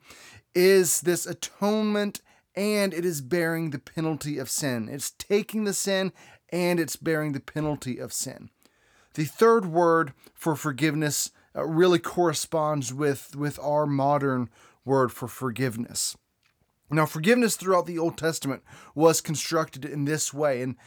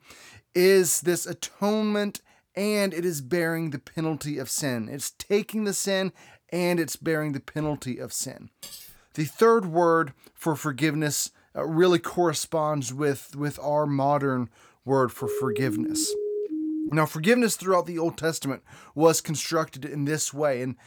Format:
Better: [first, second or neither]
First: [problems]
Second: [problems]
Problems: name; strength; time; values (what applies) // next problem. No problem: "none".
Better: first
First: none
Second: clattering dishes; faint; at 8.5 s; peak 15 dB below the speech // siren; noticeable; from 15 to 17 s; peak 4 dB below the speech